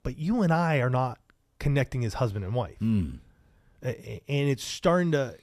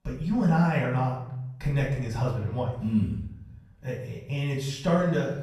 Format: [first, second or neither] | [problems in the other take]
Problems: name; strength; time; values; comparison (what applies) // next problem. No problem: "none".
first | off-mic speech; far // room echo; noticeable; dies away in 0.7 s